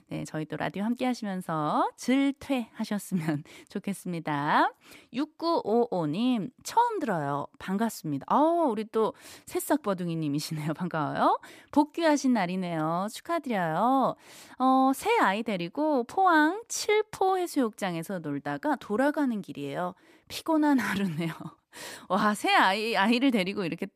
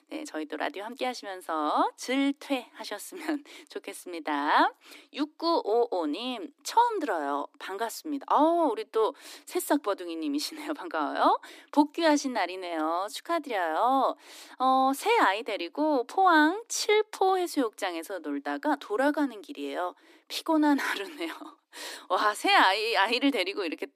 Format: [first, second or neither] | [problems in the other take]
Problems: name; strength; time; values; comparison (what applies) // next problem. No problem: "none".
first | thin; very slightly; fading below 300 Hz